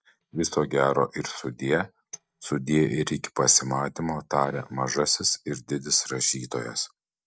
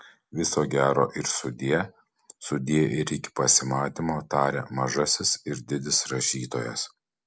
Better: second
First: noise reduction (neural mask model DeepFilterNet 3)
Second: none

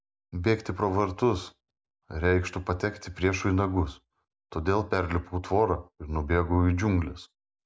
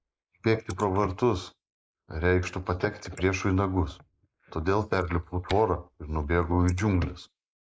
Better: first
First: none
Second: noise reduction (neural mask model Resemble Enhance denoiser)

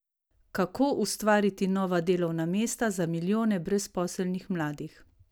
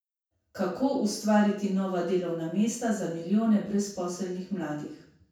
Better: first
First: none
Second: room echo; dies away in 0.6 s

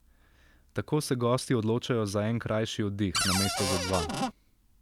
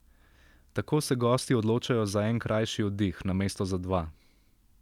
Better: second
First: background sound (Cupboard open or close); as loud as the speech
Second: none

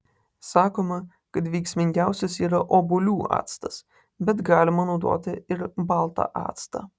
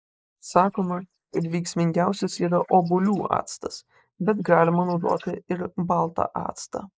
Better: first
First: none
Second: noise reduction (neural mask model Resemble Enhance denoiser)

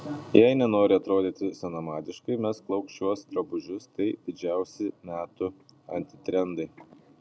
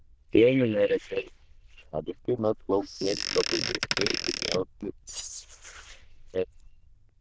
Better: first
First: none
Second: noise reduction (neural diffusion model UNIVERSE++)

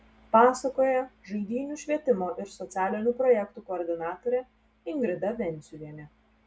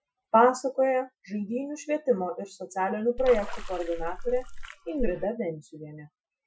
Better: first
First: none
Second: noise reduction (classical method Wiener filter)

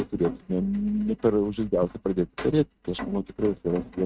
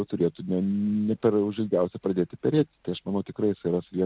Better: second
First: noise reduction (neural mask model RNNoise)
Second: none

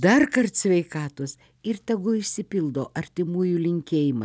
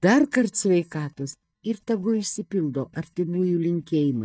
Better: first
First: none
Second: noise reduction (neural mask model DeepFilterNet 3)

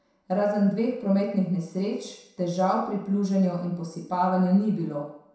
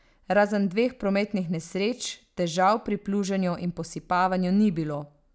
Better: second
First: room echo; dies away in 0.7 s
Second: none

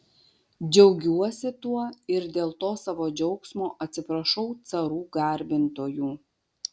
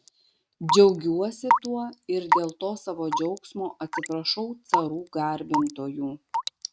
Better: first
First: none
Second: noise reduction (neural mask model RNNoise)

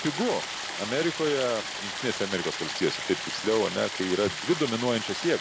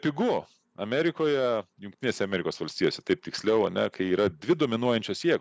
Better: second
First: background sound (Stream); 6 dB below the speech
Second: none

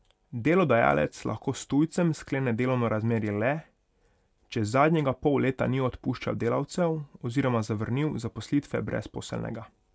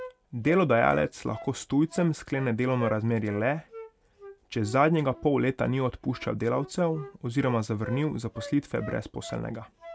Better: first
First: none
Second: background sound (Wind instrument, woodwind instrument); 18 dB below the speech

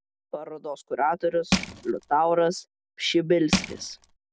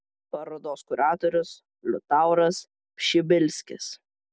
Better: second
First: background sound (Crushing); 2 dB below the speech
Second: none

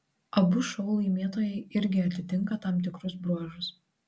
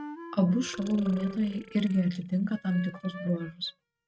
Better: first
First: none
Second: noise reduction (neural mask model RNNoise)

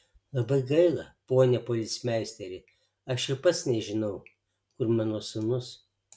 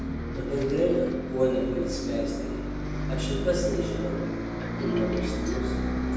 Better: first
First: none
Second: background sound (Bus); as loud as the speech // room echo; dies away in 1.1 s

